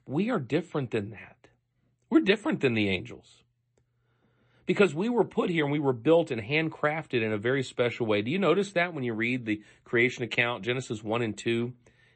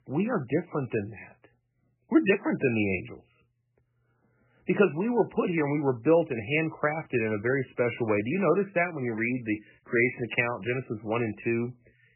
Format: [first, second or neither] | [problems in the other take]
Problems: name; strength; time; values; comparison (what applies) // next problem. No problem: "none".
first | garbled, watery; badly; nothing above 3 kHz; slightly in the first